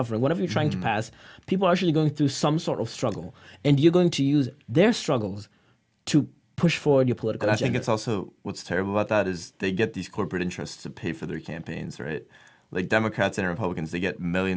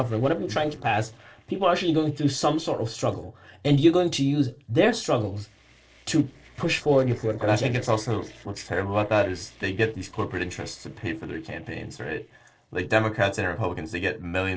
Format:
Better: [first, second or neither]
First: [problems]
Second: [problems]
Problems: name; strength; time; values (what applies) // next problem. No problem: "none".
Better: first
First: none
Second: noise reduction (neural separator model SepFormer DNS4)